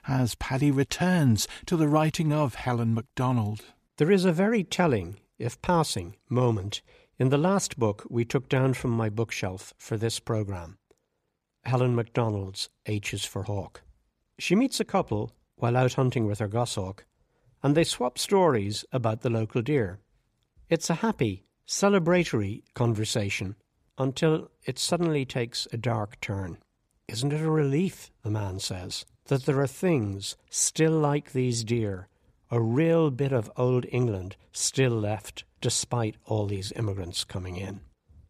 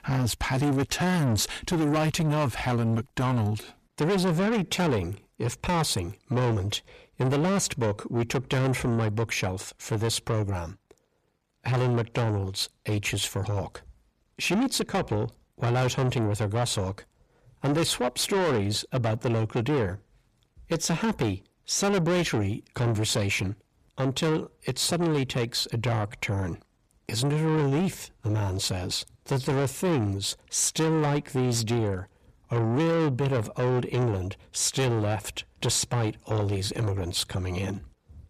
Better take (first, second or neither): first